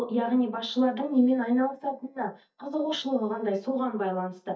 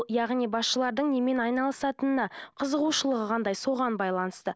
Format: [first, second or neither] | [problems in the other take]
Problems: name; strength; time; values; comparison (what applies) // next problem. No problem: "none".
second | noise reduction (neural mask model DeepFilterNet 3)